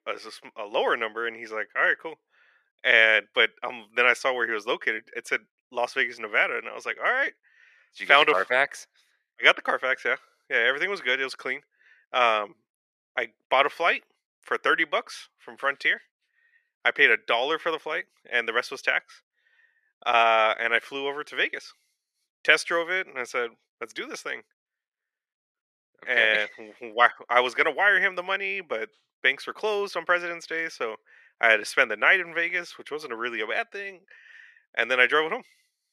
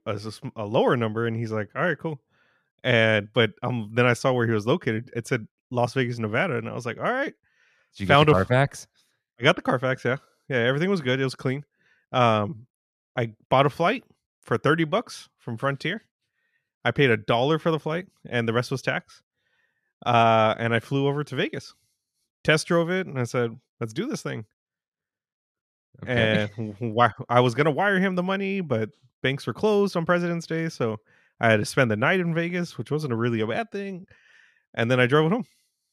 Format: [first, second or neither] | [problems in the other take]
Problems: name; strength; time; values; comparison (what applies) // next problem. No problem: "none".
second | thin; very; fading below 400 Hz